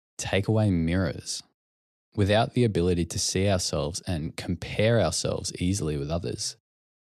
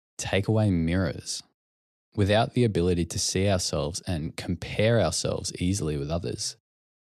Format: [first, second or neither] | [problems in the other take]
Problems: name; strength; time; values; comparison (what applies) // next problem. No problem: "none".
neither | none